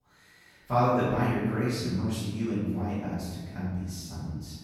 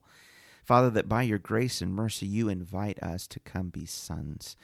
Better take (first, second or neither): second